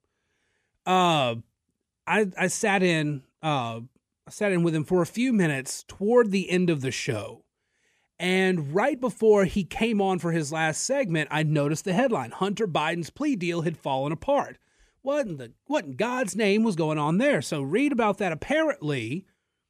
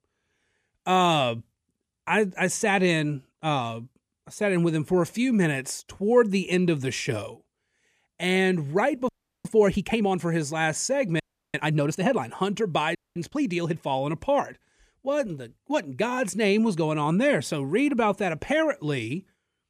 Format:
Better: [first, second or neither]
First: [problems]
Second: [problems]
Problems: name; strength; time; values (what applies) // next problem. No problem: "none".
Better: first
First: none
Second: audio freezing; at 9 s, at 11 s and at 13 s